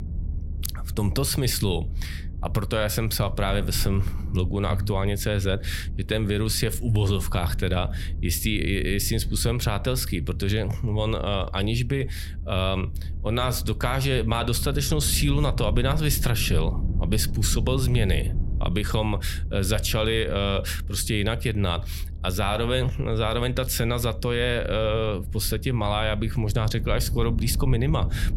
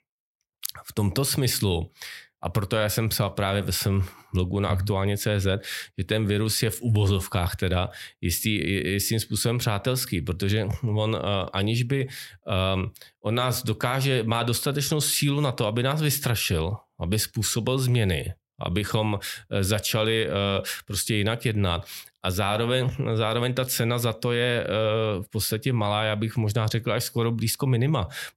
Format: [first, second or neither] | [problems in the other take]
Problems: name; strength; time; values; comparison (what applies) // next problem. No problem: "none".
second | low rumble; noticeable; throughout; 20 dB below the speech